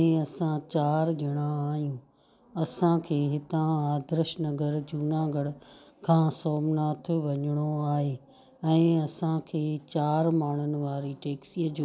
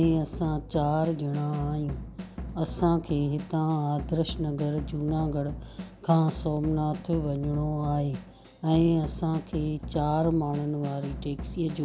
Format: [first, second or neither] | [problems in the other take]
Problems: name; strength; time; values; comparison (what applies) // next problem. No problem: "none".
first | background sound (Drum / Drum kit); 11 dB below the speech